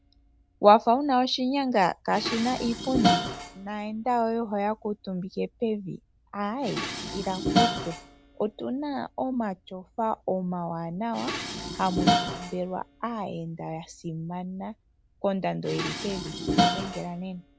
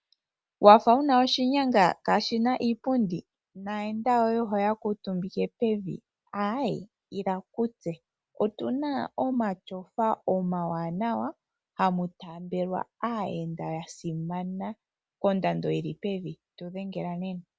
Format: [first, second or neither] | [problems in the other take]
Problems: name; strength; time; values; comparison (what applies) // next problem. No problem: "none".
second | background sound (Dishes, pots, and pans); 4 dB below the speech